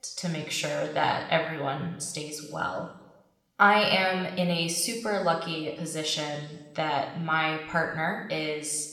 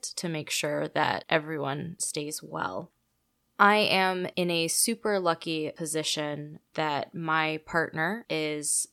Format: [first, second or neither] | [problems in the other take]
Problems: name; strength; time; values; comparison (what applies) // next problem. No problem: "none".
second | room echo; slight; dies away in 0.9 s // off-mic speech; somewhat distant